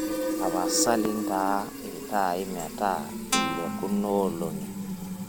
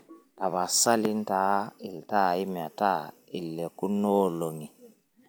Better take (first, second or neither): second